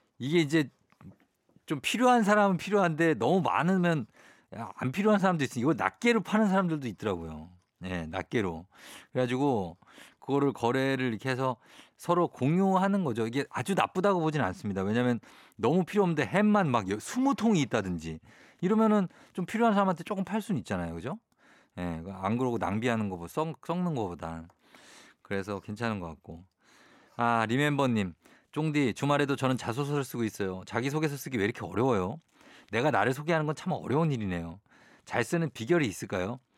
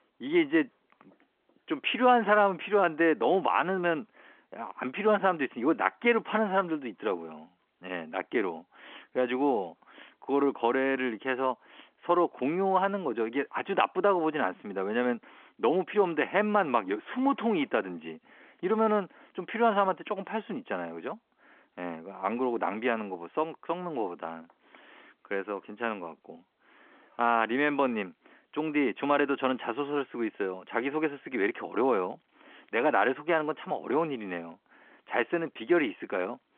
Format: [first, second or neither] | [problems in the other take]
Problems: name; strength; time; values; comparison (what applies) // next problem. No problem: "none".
first | phone-call audio